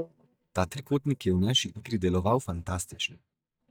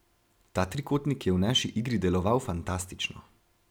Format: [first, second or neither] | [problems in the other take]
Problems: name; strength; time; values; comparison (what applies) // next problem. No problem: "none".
second | noise reduction (neural mask model DeepFilterNet 3)